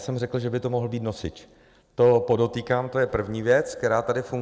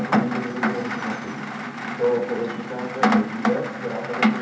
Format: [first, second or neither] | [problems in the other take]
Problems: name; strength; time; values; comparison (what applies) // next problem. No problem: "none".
first | background sound (Rain); 4 dB above the speech // room echo; dies away in 0.5 s